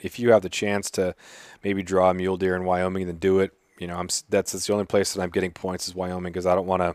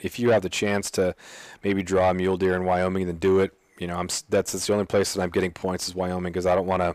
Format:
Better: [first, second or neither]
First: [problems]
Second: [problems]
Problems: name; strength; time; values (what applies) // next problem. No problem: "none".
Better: first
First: none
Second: distortion; slight; 10 dB below the speech